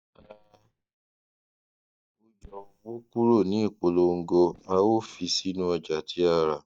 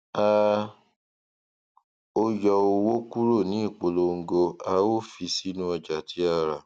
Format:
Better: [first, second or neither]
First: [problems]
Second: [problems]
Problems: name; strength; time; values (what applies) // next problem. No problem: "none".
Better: second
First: noise reduction (neural mask model DeepFilterNet 3)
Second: none